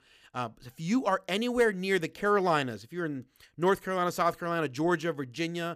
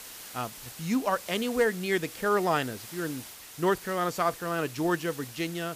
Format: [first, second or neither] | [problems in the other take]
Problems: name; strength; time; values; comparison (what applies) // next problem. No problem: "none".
first | hiss; noticeable; throughout; 15 dB below the speech